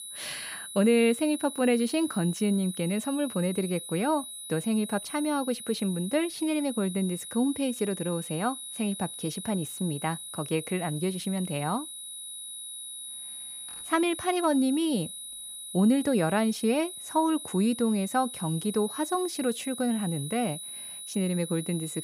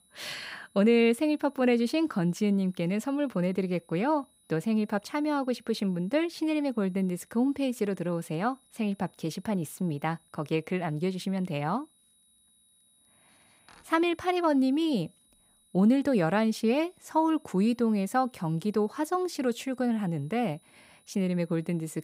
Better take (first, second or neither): second